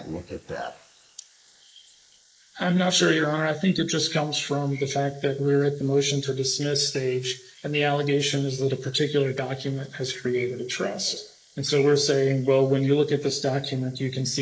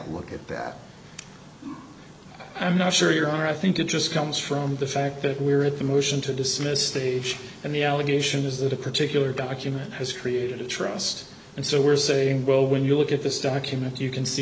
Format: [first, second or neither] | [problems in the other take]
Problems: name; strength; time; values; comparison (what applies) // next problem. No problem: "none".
second | noise reduction (neural mask model Resemble Enhance denoiser)